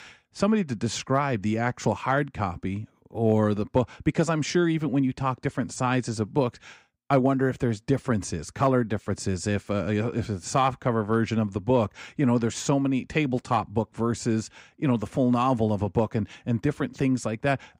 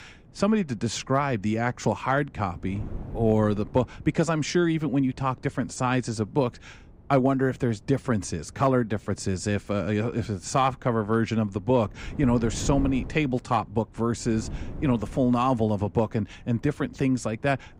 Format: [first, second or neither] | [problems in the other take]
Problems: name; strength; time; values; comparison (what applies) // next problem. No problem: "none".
first | wind noise on the microphone; occasional gusts; 25 dB below the speech